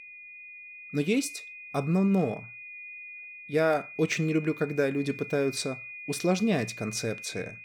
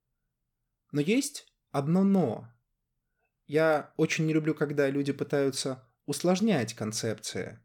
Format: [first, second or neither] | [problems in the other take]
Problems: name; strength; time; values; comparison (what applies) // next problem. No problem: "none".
second | high-pitched whine; noticeable; throughout; 2.5 kHz, 15 dB below the speech